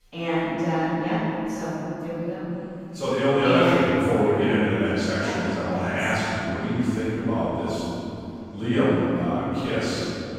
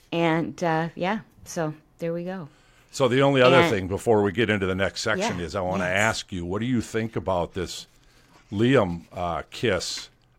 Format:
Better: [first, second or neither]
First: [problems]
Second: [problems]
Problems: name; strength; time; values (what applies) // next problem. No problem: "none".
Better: second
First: room echo; strong; dies away in 3 s // off-mic speech; far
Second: none